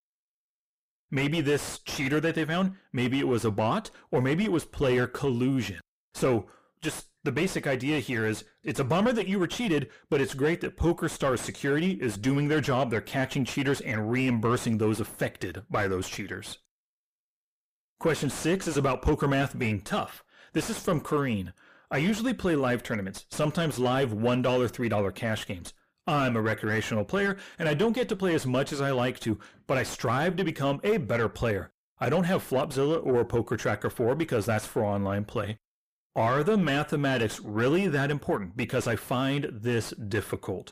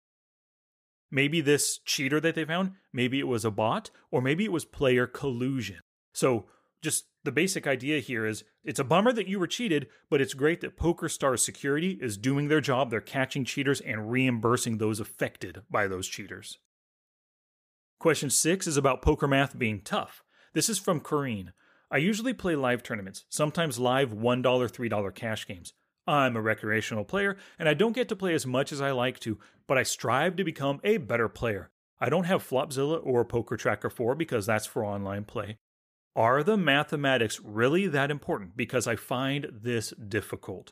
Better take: second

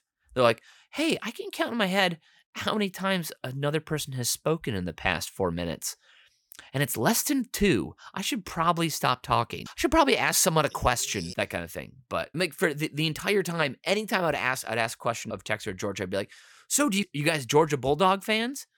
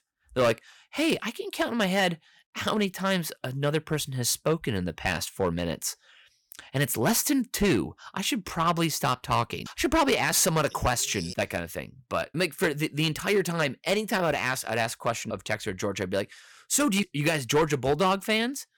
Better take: first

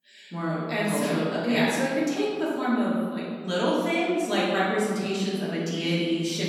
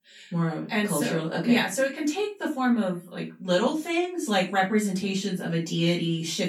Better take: second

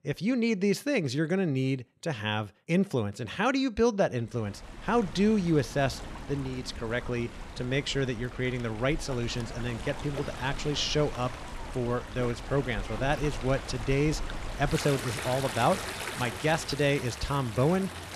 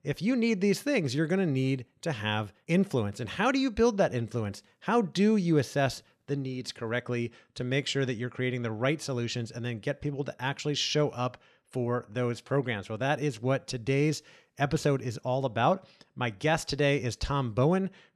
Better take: second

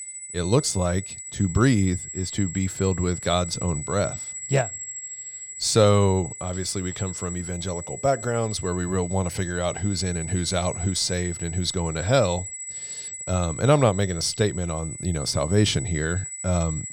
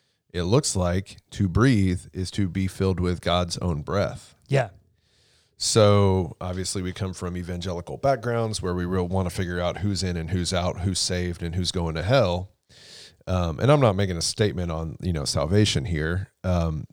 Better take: second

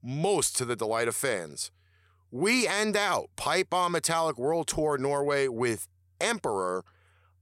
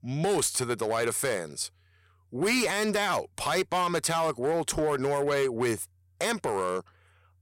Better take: first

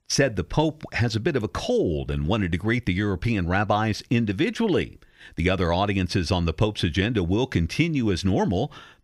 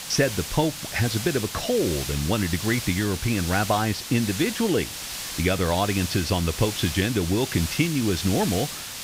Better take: first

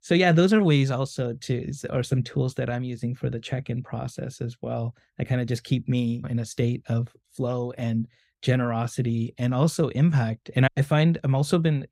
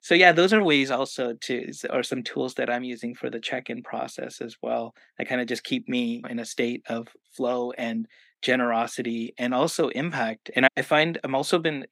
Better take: first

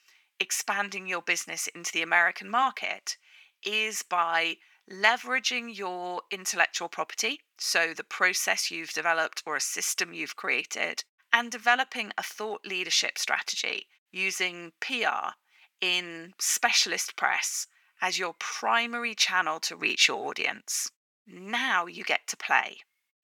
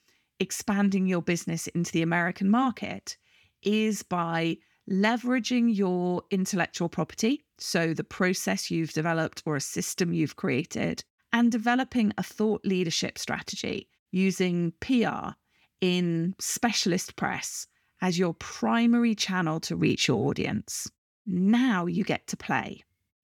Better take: second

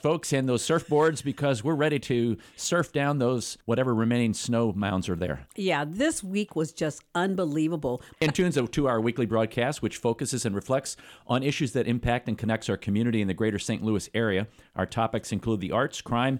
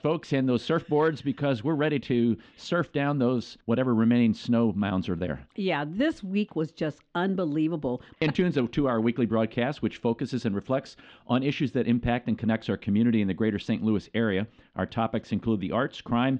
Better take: first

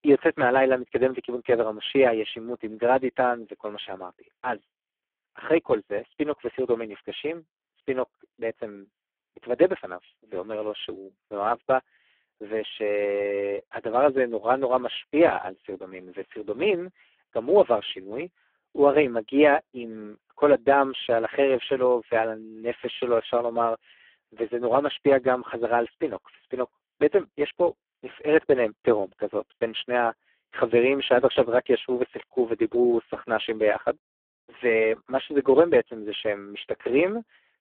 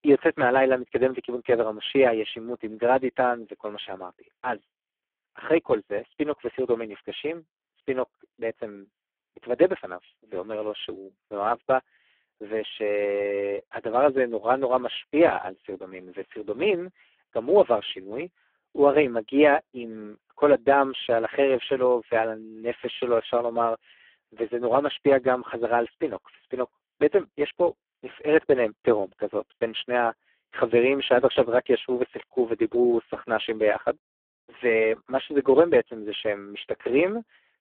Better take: neither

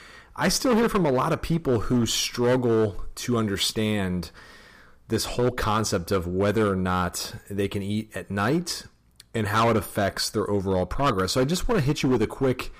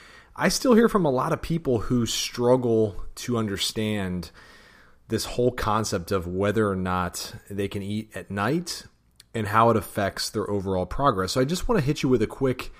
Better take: second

